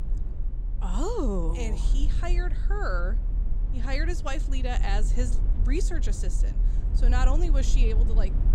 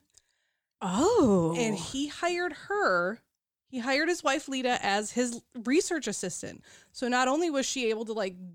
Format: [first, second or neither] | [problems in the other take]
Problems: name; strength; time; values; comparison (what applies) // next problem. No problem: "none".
second | low rumble; noticeable; throughout; 10 dB below the speech